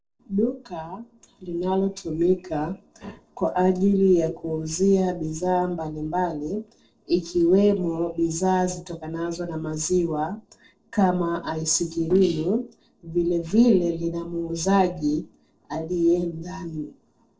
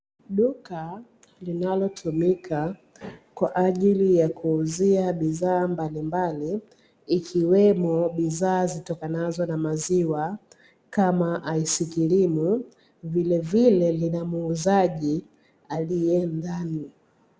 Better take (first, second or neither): second